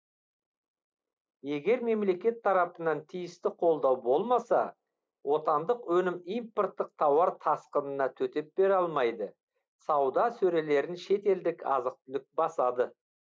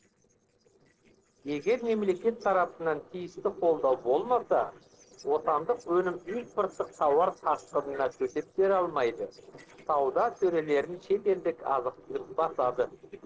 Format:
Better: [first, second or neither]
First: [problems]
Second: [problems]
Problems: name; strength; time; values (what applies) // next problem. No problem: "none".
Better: first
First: none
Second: noise reduction (neural separator model SepFormer DNS4)